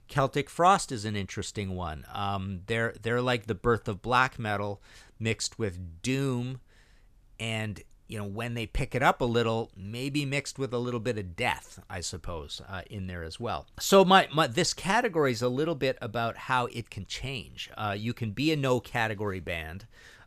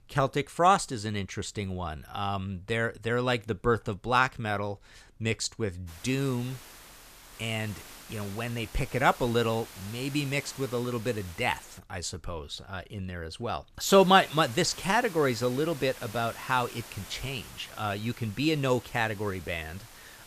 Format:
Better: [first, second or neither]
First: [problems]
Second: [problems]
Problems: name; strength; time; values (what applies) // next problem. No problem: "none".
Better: first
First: none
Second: hiss; noticeable; from 6 to 12 s and from 14 s on; 15 dB below the speech